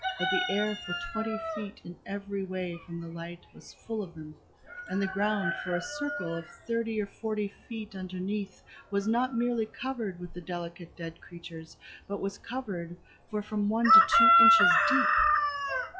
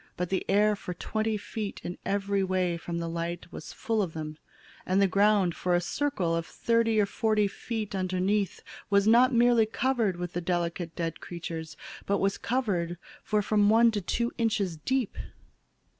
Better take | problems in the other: second | noise reduction (classical method log-MMSE)

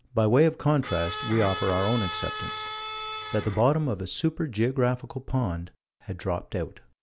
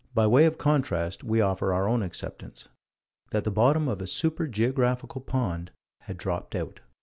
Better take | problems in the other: second | background sound (Bowed string instrument); 8 dB below the speech

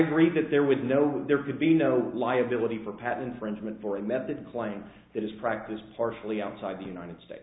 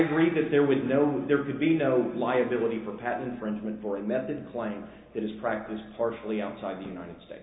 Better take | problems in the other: first | room echo; dies away in 2.2 s

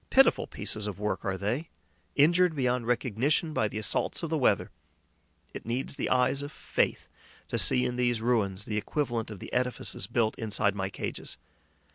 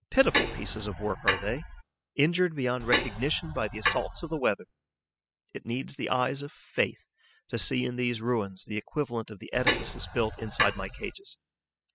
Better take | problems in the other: first | noise reduction (classical method spectral subtraction)

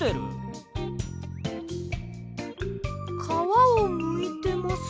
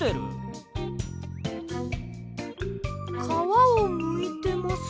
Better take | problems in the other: first | background sound (Bowed string instrument); 15 dB below the speech

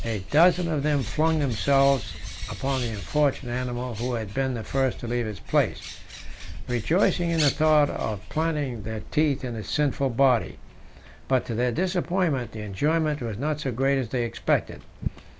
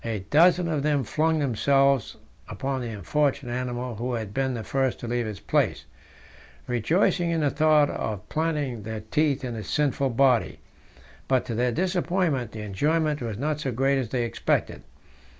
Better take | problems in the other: second | background sound (Bird); 10 dB below the speech

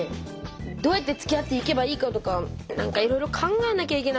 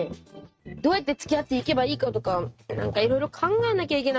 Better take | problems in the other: first | noise reduction (neural mask model RNNoise)

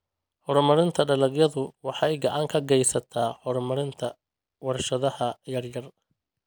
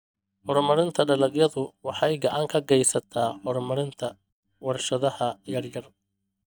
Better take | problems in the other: first | noise reduction (neural mask model DeepFilterNet 3)

